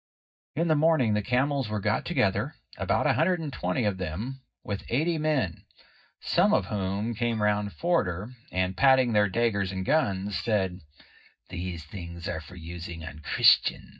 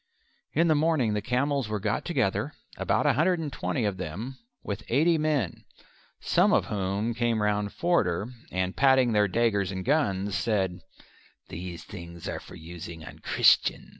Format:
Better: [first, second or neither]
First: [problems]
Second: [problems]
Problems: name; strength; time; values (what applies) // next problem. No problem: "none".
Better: second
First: noise reduction (neural mask model DeepFilterNet 3)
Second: none